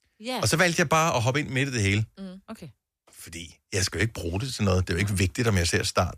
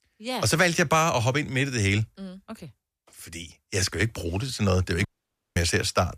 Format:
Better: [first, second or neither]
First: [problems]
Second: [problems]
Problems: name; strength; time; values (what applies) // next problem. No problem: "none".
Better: first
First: none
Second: audio cutting out; at 5 s for 0.5 s